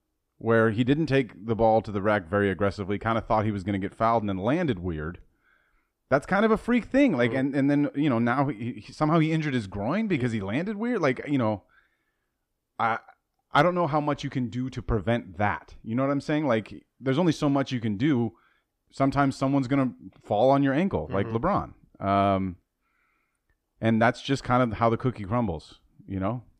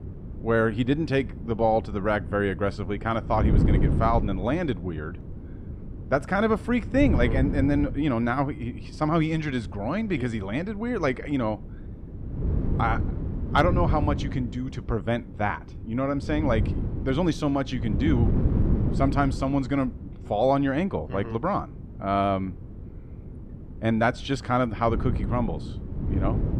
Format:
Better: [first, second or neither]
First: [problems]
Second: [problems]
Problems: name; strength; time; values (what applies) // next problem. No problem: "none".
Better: first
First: none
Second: wind noise on the microphone; occasional gusts; 15 dB below the speech